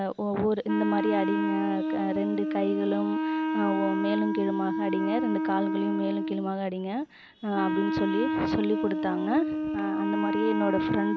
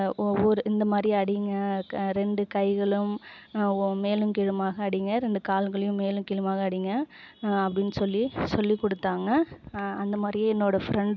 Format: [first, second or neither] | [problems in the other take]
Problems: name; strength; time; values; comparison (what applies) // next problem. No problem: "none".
second | background sound (Wind instrument, woodwind instrument); as loud as the speech